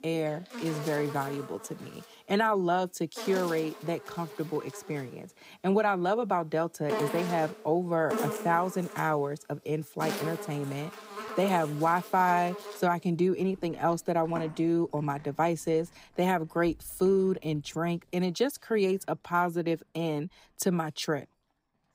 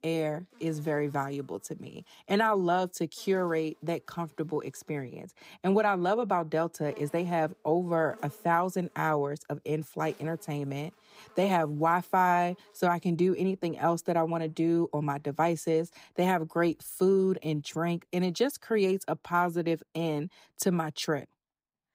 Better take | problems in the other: second | animal sounds; loud; throughout; 10 dB below the speech; faint in the second

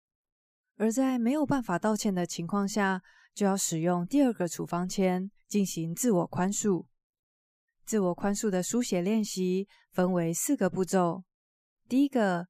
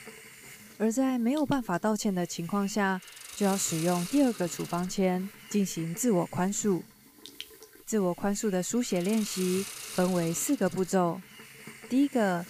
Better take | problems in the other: first | hiss; noticeable; throughout; 15 dB below the speech

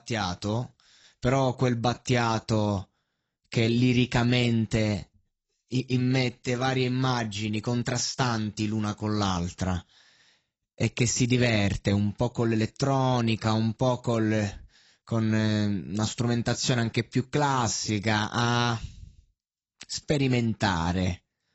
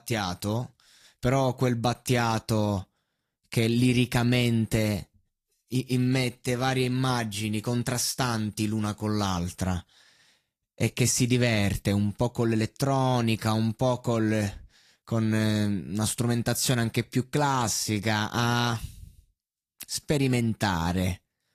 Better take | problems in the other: second | garbled, watery; badly; nothing above 7.5 kHz; slightly in the second

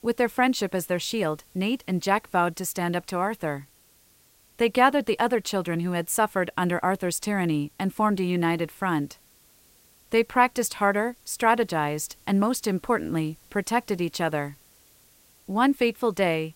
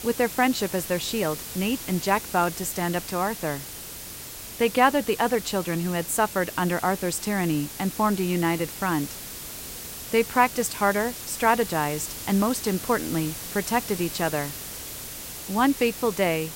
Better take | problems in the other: first | hiss; loud; throughout; 9 dB below the speech; faint in the first

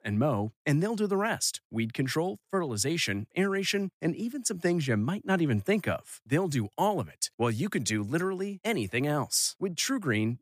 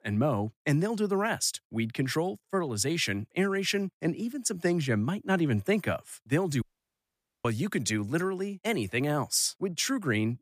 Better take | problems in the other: first | audio cutting out; at 6.5 s for 1 s

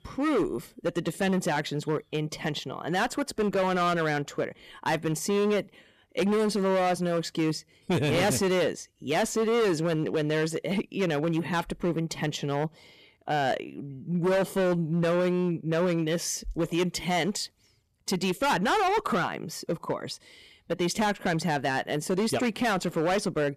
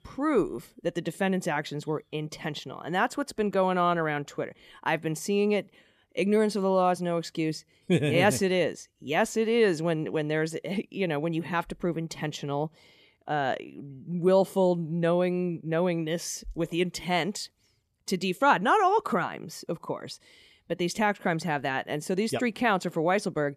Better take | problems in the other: second | distortion; heavy; 13% of the sound clipped

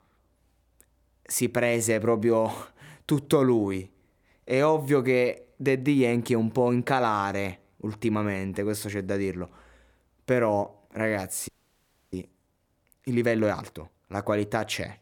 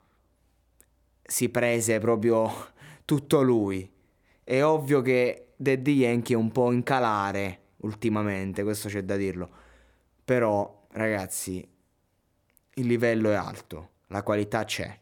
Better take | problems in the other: second | audio freezing; at 11 s for 0.5 s

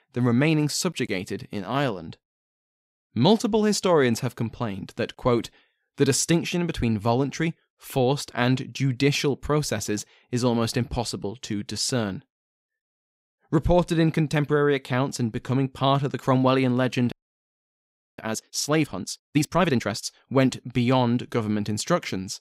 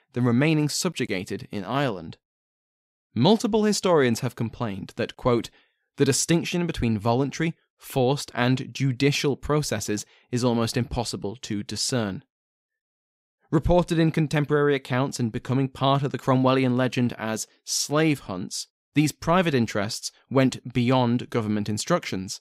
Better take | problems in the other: second | audio freezing; at 17 s for 1 s

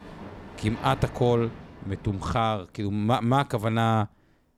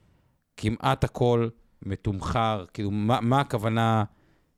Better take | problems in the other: second | machinery noise; noticeable; throughout; 15 dB below the speech

